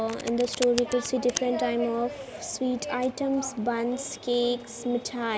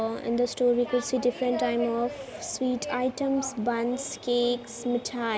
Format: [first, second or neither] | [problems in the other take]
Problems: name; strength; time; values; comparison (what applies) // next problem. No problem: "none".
second | background sound (Domestic sounds, home sounds); 15 dB below the speech